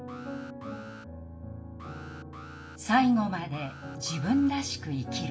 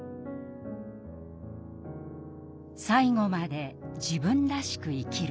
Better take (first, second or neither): second